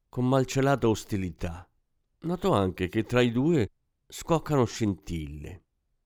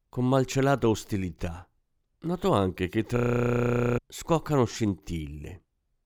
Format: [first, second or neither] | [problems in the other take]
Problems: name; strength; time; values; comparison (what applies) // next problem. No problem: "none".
first | audio freezing; at 3 s for 1 s